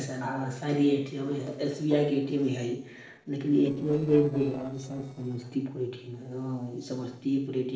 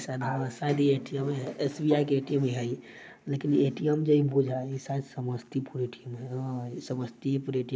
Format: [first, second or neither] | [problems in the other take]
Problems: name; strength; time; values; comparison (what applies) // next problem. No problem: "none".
second | noise reduction (neural separator model SepFormer DNS4)